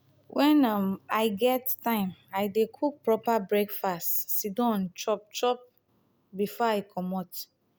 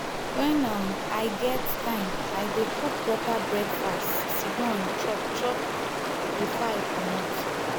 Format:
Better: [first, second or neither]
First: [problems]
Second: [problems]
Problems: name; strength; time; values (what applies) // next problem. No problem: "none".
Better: first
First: none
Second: background sound (Stream); 1 dB above the speech